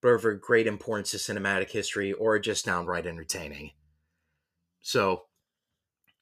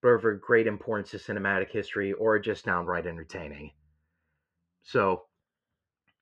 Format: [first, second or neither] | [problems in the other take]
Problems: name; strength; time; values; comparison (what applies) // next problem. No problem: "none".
first | muffled; very; fading above 1.5 kHz